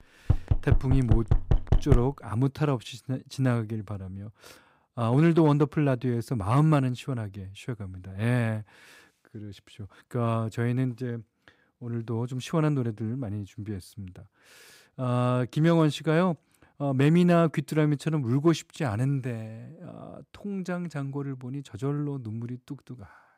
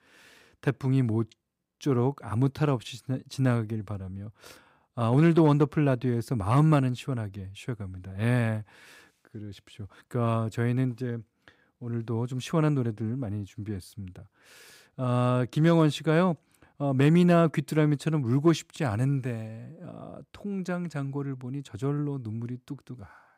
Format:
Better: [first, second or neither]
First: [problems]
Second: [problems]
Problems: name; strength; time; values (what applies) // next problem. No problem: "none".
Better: second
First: door banging; loud; until 2 s; peak 1 dB above the speech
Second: none